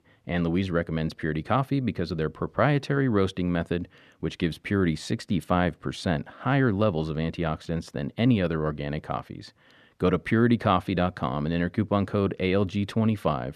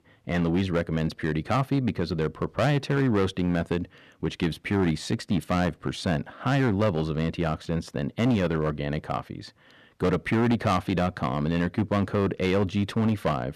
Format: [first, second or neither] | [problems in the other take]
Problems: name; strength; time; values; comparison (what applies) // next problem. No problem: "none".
first | distortion; slight; 8% of the sound clipped